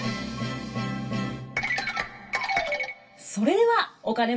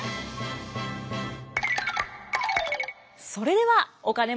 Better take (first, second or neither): second